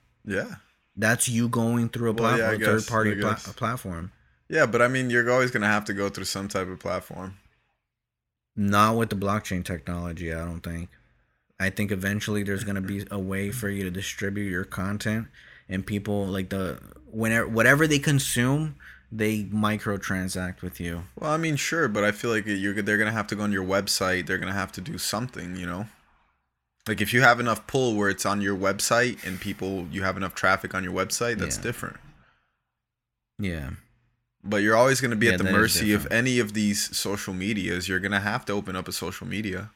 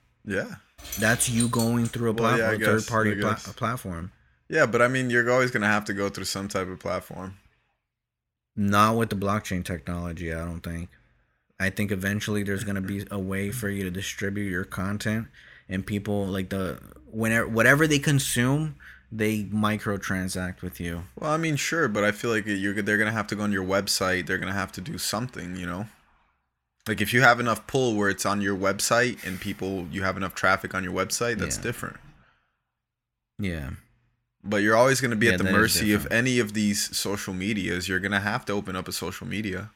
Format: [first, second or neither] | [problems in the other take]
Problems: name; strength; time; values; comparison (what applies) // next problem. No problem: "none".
first | jangling keys; noticeable; from 1 to 2 s; peak 5 dB below the speech